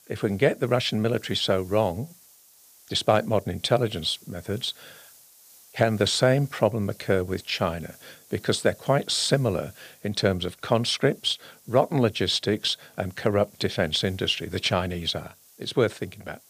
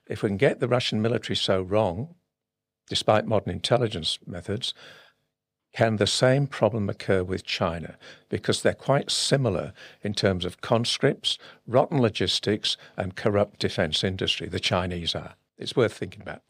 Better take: second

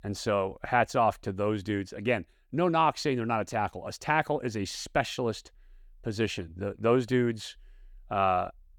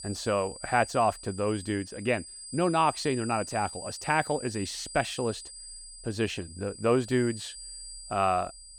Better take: first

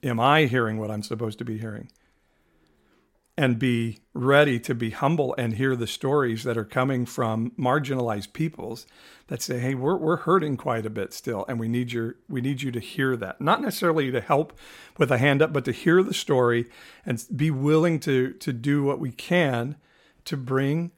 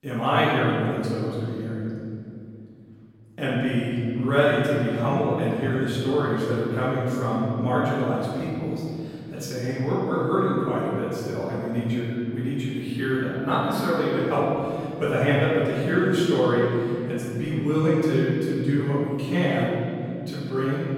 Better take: first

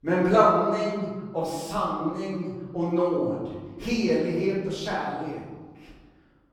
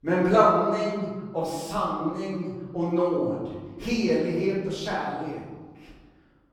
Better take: neither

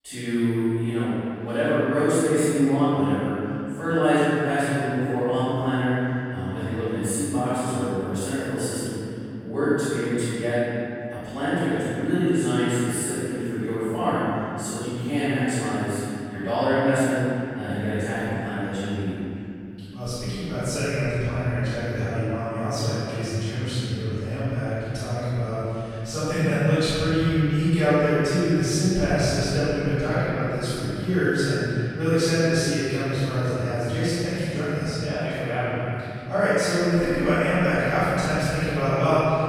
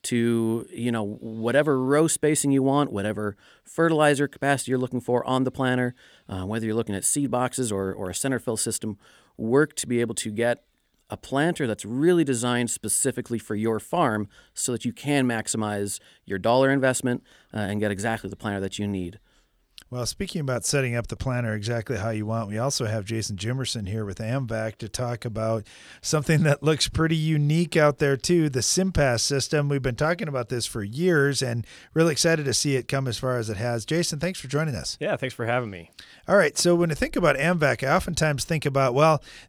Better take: second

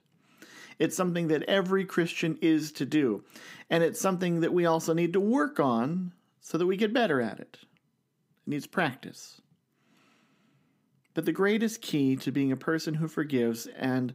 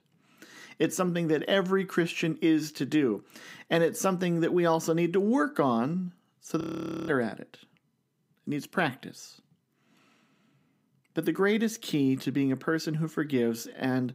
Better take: first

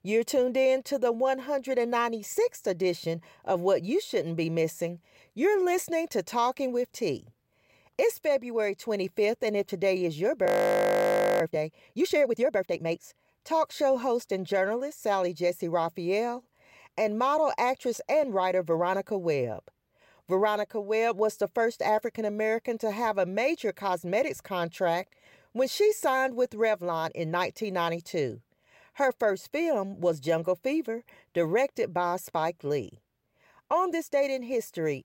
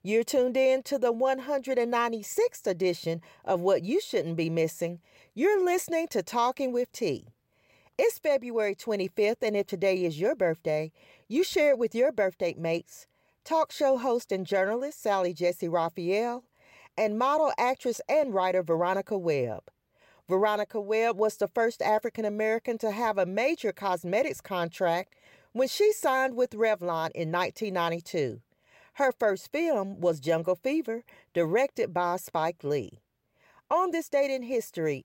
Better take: second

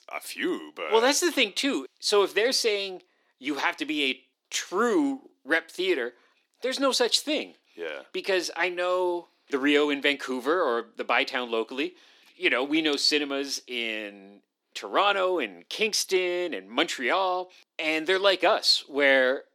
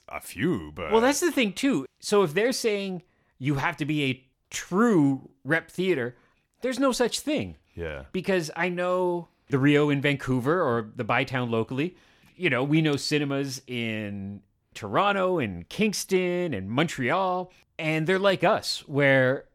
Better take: second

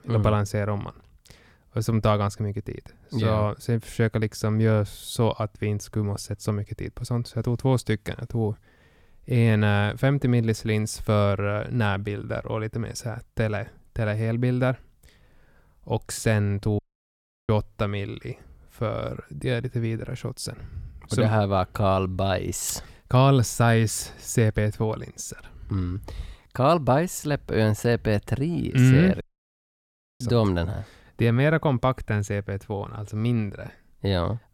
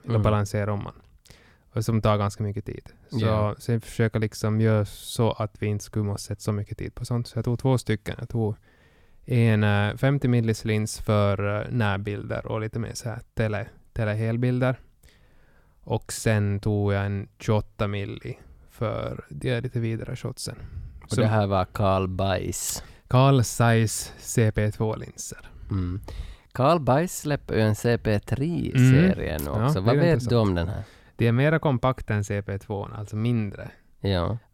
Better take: second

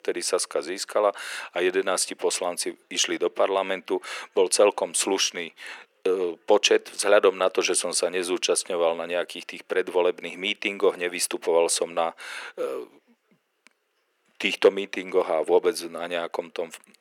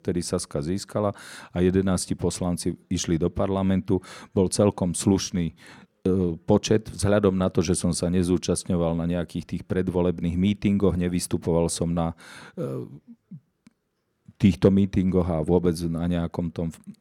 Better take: second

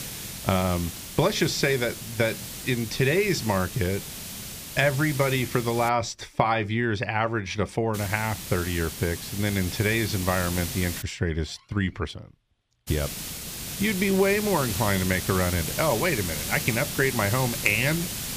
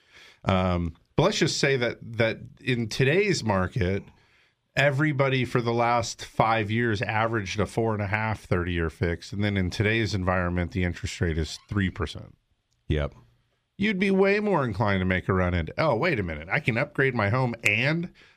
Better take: second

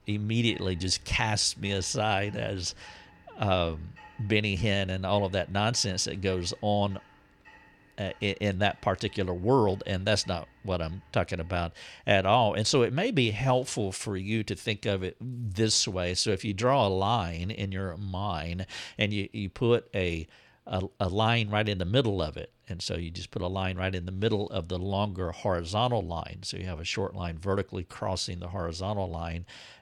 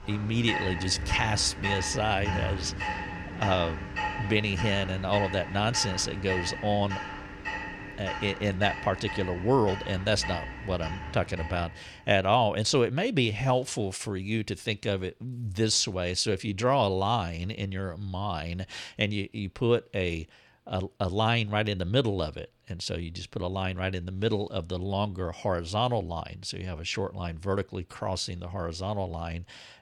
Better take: first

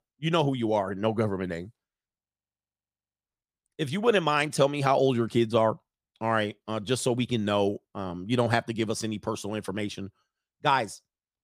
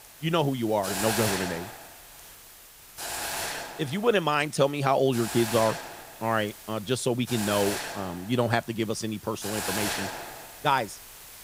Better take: first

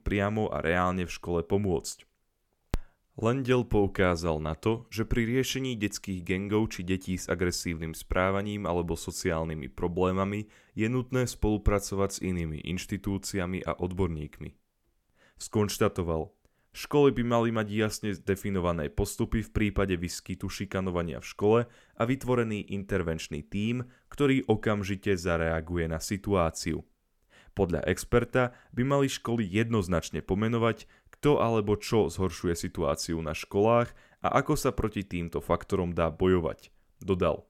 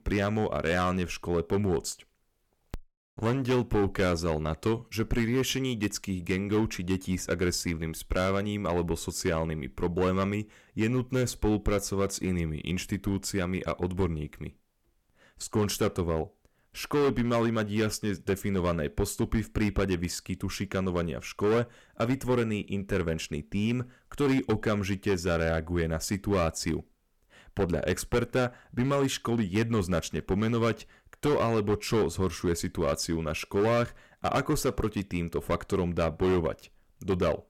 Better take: first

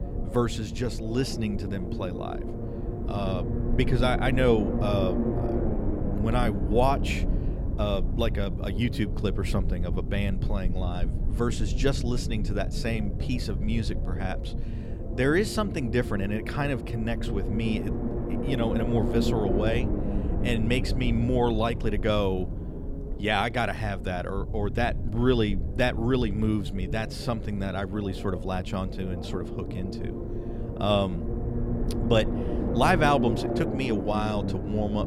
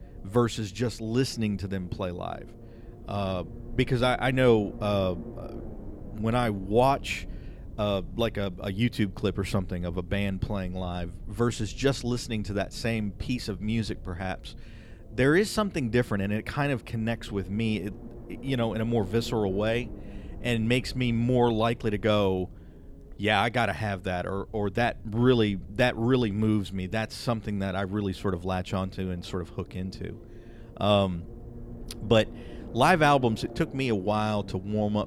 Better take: second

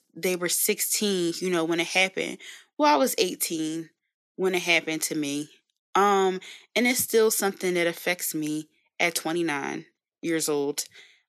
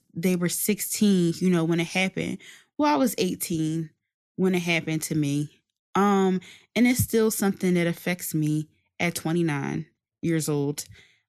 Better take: second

